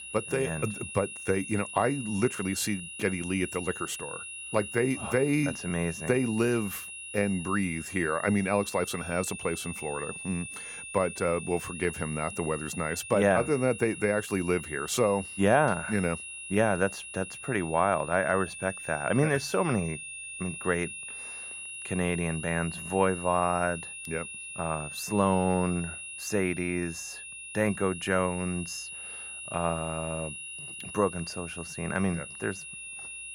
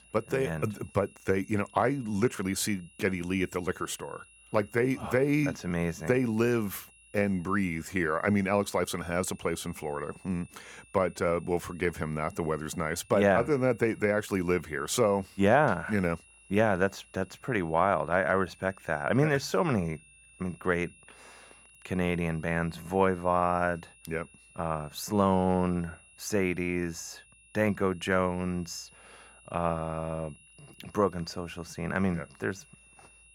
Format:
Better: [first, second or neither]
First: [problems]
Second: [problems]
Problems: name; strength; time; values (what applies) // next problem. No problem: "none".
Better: second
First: high-pitched whine; loud; throughout; 2.5 kHz, 9 dB below the speech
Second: high-pitched whine; faint; throughout; 2.5 kHz, 25 dB below the speech